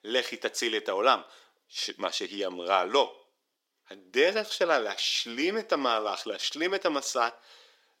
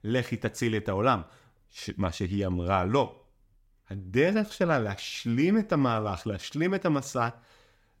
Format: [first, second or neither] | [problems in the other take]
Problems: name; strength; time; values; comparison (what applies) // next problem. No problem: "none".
second | thin; very; fading below 350 Hz